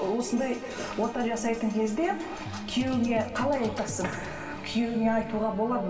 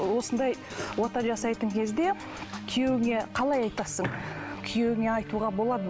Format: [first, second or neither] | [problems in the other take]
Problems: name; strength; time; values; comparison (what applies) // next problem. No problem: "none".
second | background sound (Drum kit); 13 dB below the speech // room echo; dies away in 2.2 s